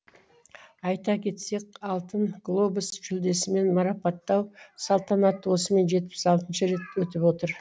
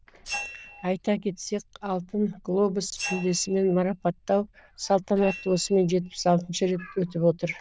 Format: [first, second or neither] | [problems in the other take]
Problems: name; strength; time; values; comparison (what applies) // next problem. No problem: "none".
first | noise reduction (neural diffusion model UNIVERSE++)